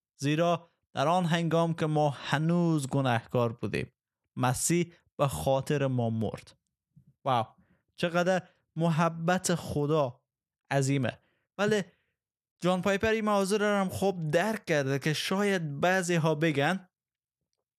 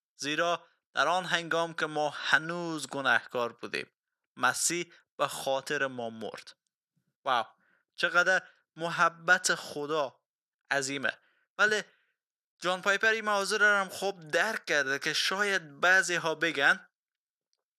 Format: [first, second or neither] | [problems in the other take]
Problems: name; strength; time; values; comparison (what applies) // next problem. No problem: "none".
first | thin; very; fading below 350 Hz